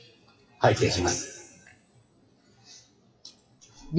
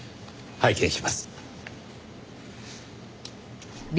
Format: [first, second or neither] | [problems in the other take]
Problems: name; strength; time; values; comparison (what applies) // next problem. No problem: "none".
second | noise reduction (classical method WPE with log-MMSE)